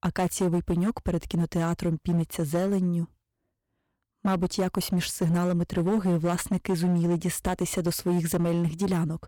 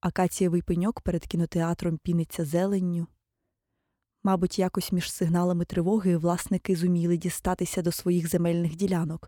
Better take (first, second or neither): second